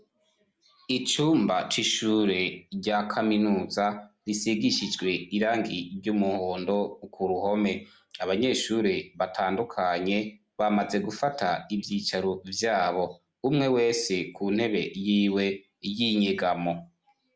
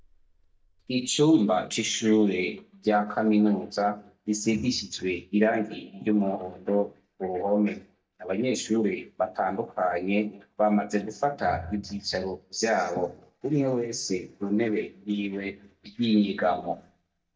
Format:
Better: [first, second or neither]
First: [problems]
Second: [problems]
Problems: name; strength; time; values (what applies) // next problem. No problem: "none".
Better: first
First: none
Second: noise reduction (neural mask model DeepFilterNet 3)